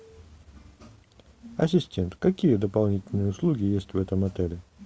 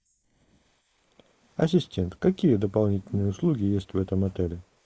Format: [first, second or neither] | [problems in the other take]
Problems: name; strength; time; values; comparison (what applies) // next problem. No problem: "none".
first | noise reduction (neural mask model Resemble Enhance denoiser)